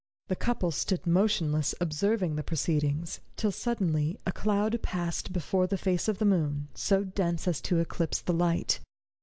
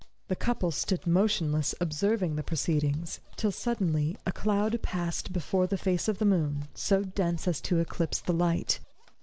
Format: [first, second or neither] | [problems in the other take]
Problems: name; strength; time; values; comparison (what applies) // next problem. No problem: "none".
first | background sound (Zipper (clothing)); 19 dB below the speech